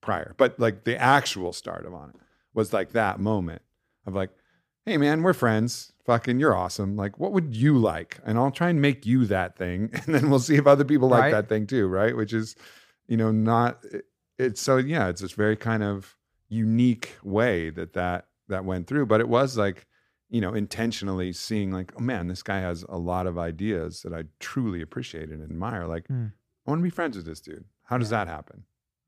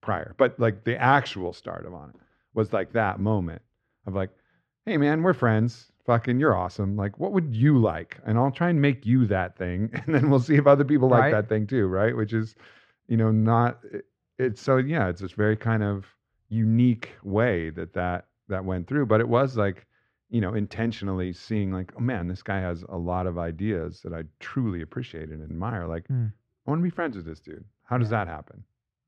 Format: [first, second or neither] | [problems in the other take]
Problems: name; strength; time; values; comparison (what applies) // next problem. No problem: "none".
first | muffled; slightly; fading above 3 kHz